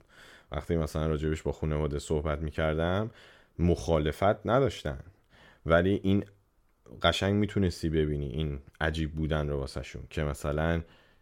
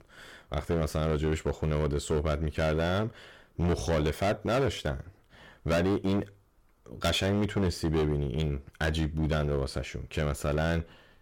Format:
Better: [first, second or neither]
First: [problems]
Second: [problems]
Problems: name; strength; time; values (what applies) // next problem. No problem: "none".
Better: first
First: none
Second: distortion; heavy; 12% of the sound clipped